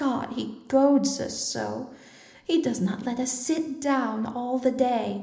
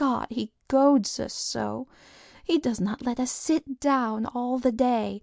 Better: second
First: room echo; dies away in 0.8 s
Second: none

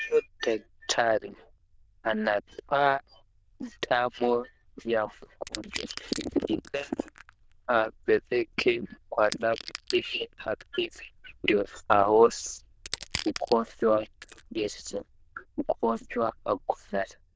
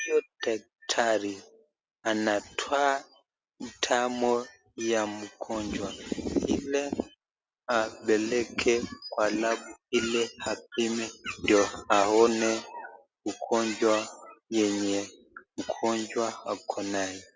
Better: second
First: noise reduction (neural diffusion model UNIVERSE++)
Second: none

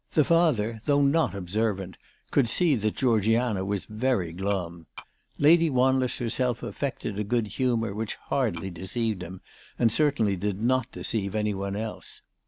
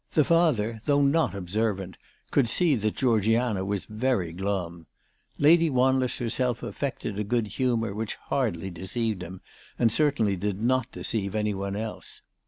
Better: second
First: background sound (Tap / Glass); 18 dB below the speech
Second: none

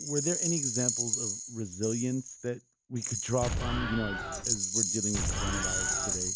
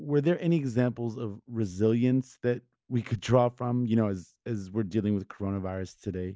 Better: second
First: background sound (Rattle + Explosion); 2 dB above the speech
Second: none

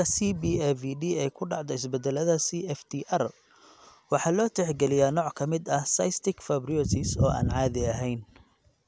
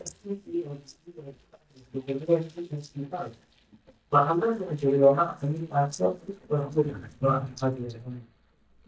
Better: first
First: none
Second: noise reduction (neural mask model DeepFilterNet 3)

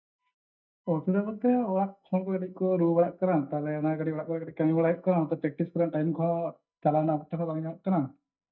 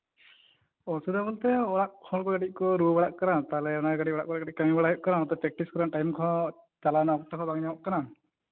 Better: second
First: noise reduction (neural mask model DeepFilterNet 3)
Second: none

